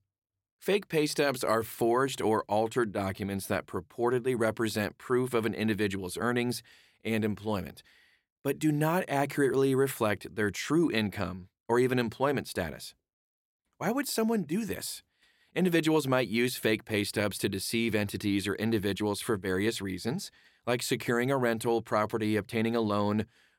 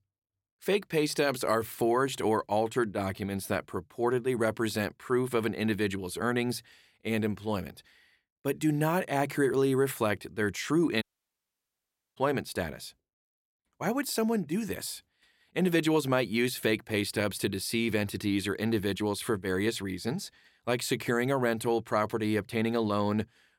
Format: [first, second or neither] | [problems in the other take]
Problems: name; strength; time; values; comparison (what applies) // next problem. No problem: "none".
first | audio cutting out; at 11 s for 1 s